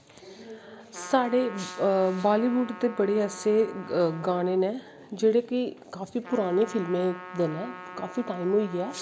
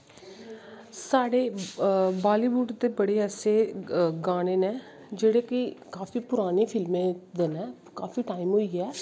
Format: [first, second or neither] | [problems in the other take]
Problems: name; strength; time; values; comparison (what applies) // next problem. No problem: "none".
second | background sound (Trumpet); 16 dB below the speech